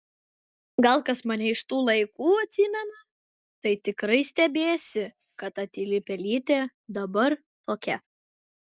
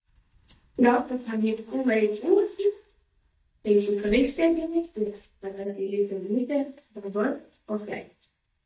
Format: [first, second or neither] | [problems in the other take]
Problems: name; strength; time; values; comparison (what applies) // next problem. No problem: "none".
first | noise reduction (neural mask model DeepFilterNet 3)